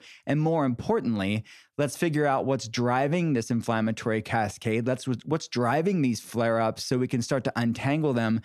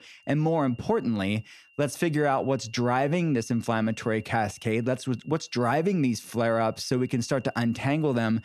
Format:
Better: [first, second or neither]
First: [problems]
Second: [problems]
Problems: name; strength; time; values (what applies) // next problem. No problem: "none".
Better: first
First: none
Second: high-pitched whine; faint; throughout; 3 kHz, 30 dB below the speech